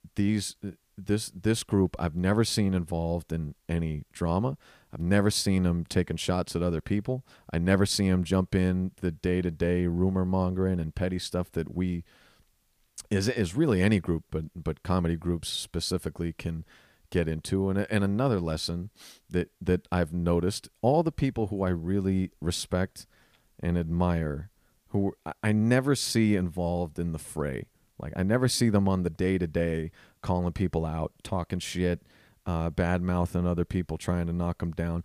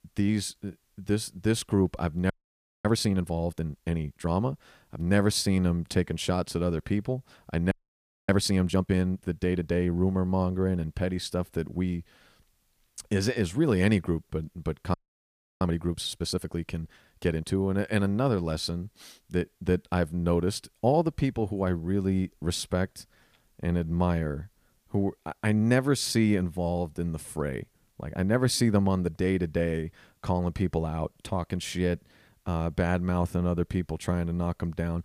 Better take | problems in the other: first | audio freezing; at 2.5 s for 0.5 s, at 7.5 s for 0.5 s and at 15 s for 0.5 s

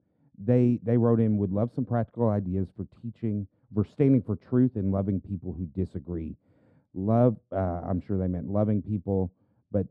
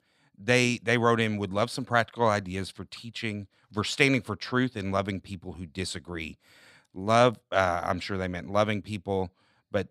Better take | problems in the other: second | muffled; very; fading above 1 kHz

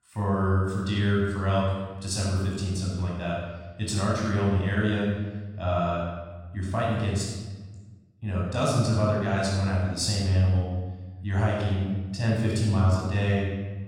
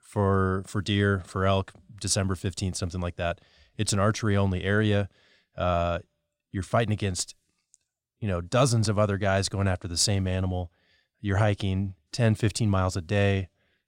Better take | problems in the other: second | off-mic speech; far // room echo; strong; dies away in 1.2 s

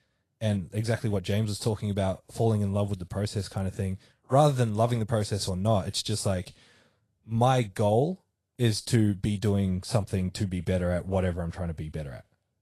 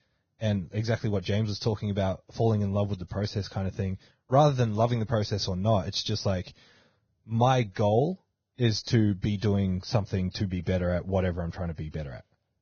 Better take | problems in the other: first | garbled, watery; badly; nothing above 6.5 kHz; slightly in the first

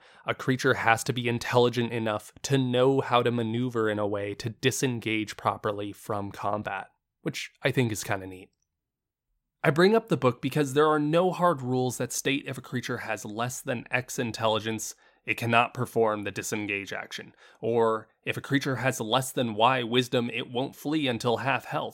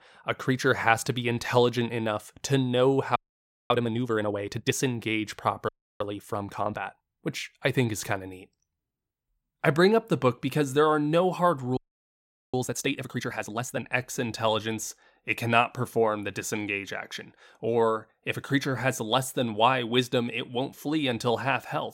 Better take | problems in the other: first | audio freezing; at 3 s for 0.5 s, at 5.5 s and at 12 s for 1 s

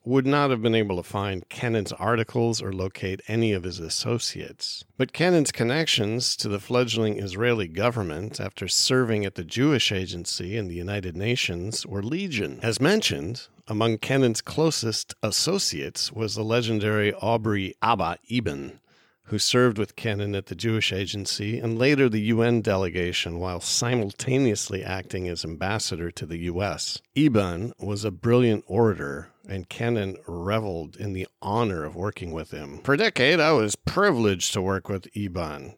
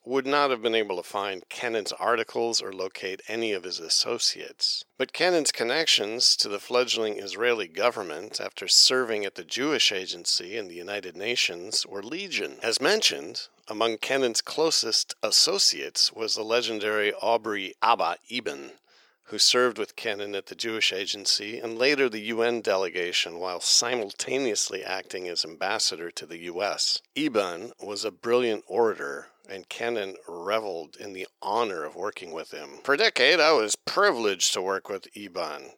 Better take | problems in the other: first | thin; somewhat; fading below 500 Hz

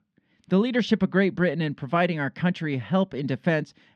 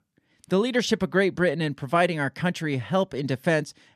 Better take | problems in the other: second | muffled; very slightly; fading above 3.5 kHz

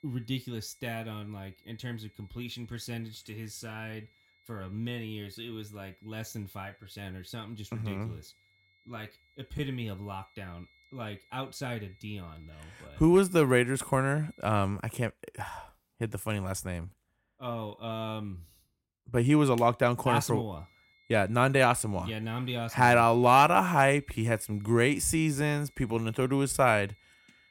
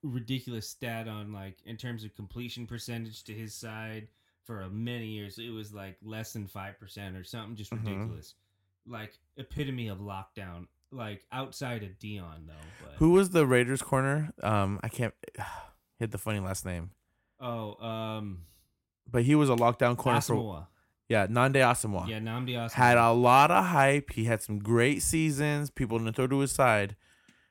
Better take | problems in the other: second | high-pitched whine; faint; until 15 s and from 21 s on; 2 kHz, 35 dB below the speech

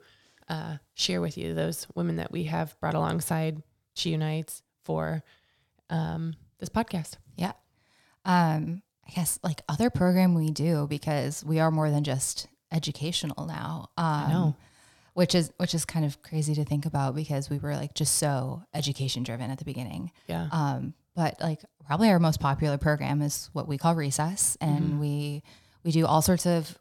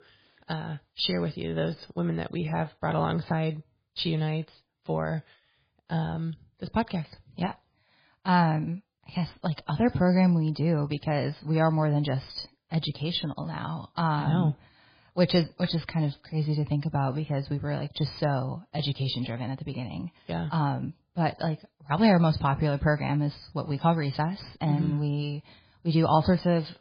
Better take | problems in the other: first | garbled, watery; badly

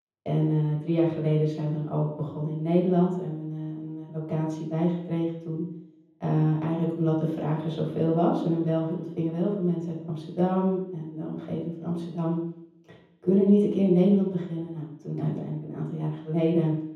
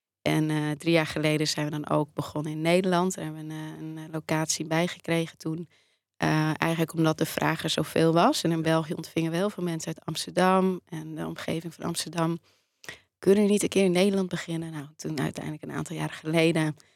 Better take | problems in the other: second | room echo; strong; dies away in 0.9 s // off-mic speech; far

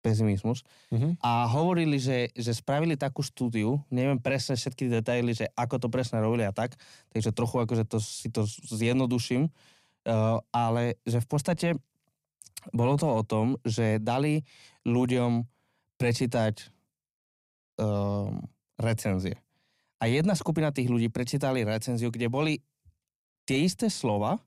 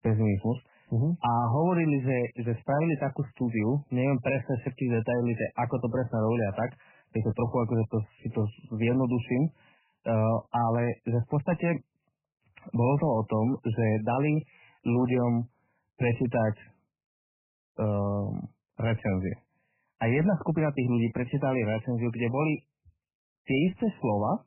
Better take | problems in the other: first | garbled, watery; badly; nothing above 3 kHz

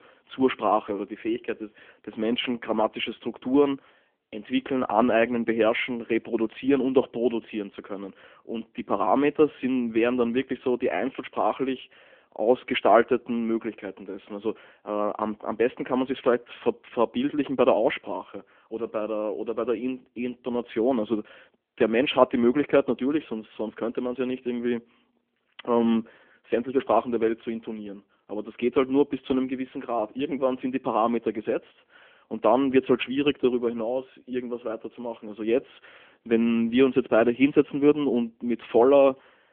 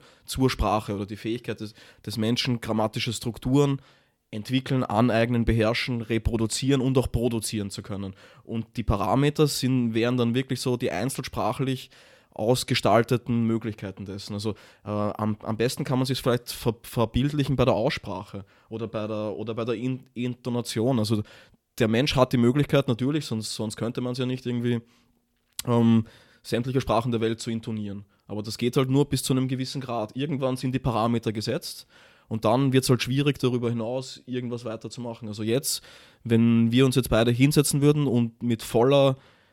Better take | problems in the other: second | phone-call audio; nothing above 3.5 kHz

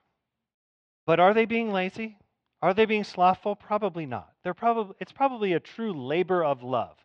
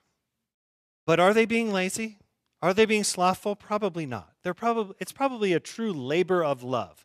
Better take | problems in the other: second | muffled; very; fading above 3.5 kHz

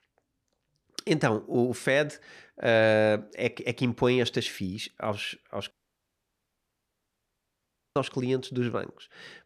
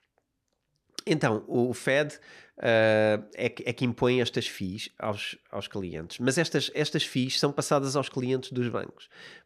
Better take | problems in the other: second | audio cutting out; at 5.5 s for 2.5 s

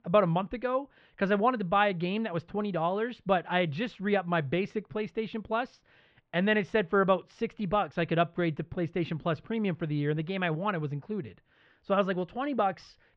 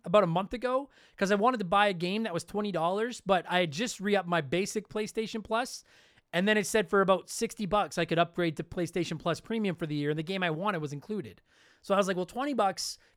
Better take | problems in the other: second | muffled; very; fading above 3 kHz

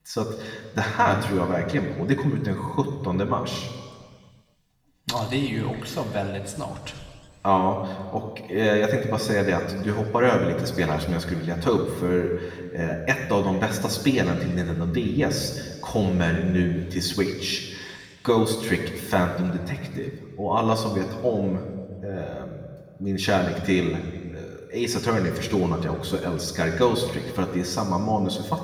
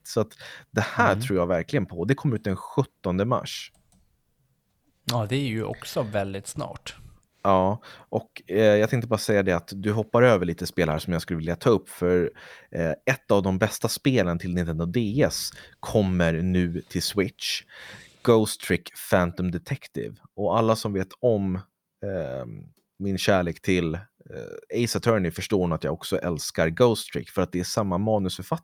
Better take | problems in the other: second | room echo; noticeable; dies away in 1.6 s // off-mic speech; somewhat distant

